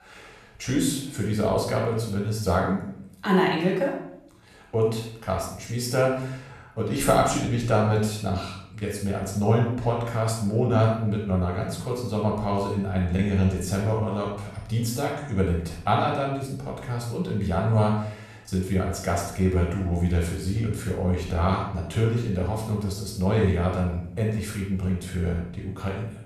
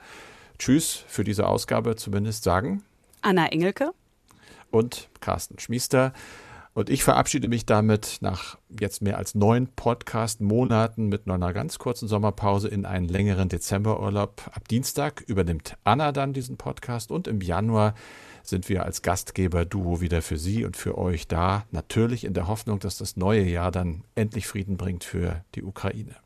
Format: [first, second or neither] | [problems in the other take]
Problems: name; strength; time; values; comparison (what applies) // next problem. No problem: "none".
second | off-mic speech; far // room echo; noticeable; dies away in 0.6 s